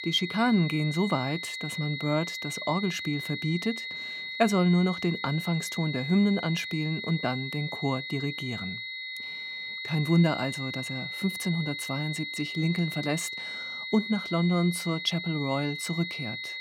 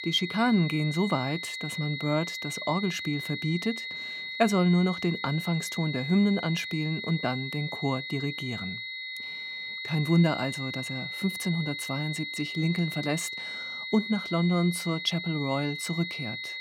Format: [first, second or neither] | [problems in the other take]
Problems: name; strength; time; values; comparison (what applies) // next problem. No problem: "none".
neither | high-pitched whine; loud; throughout; 2 kHz, 6 dB below the speech; the same in both